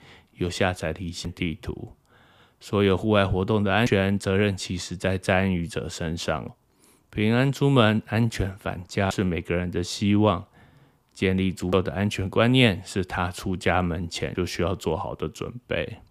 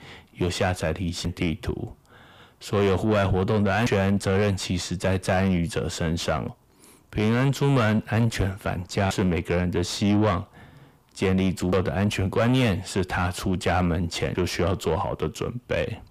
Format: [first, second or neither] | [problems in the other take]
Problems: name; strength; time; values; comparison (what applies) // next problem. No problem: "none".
first | distortion; heavy; 8 dB below the speech